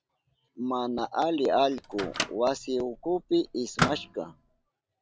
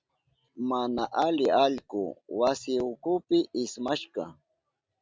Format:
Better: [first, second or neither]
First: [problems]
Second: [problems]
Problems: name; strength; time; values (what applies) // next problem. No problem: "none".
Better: second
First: background sound (Microwave oven); 6 dB below the speech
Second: none